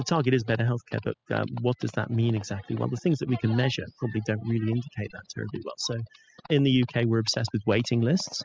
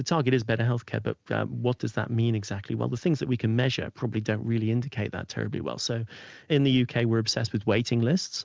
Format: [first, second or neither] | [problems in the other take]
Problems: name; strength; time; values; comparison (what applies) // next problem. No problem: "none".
second | noise reduction (classical method spectral subtraction)